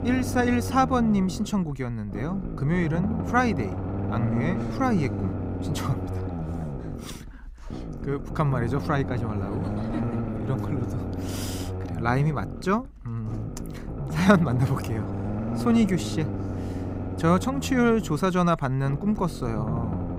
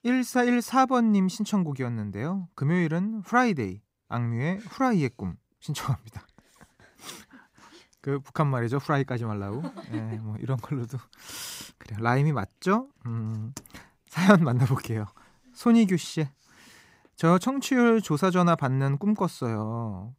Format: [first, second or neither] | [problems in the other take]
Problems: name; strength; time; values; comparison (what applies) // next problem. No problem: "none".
second | low rumble; loud; throughout; 9 dB below the speech